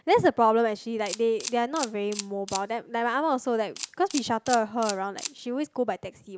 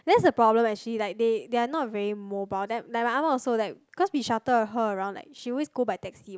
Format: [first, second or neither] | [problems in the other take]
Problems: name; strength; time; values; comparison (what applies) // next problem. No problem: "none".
second | background sound (Camera); 13 dB below the speech